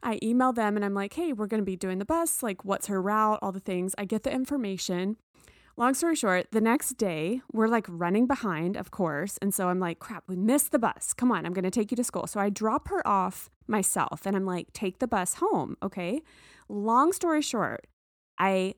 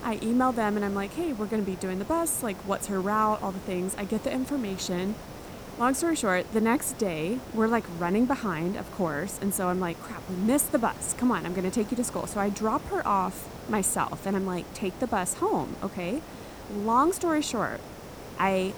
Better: first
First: none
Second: hiss; noticeable; throughout; 15 dB below the speech

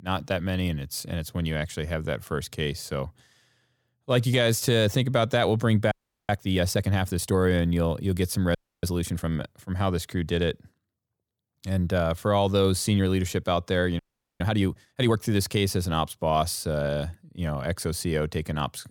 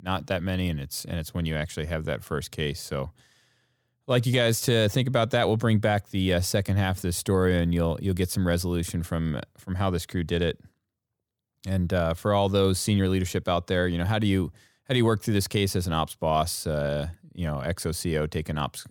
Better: second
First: audio freezing; at 6 s, at 8.5 s and at 14 s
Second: none

